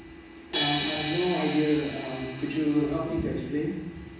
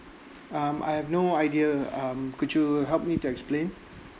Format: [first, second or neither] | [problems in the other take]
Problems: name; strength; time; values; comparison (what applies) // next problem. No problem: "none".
second | background sound (Crash cymbal); 8 dB below the speech // room echo; dies away in 1.1 s